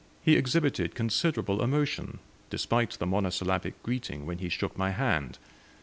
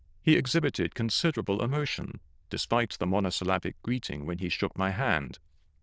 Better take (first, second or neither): first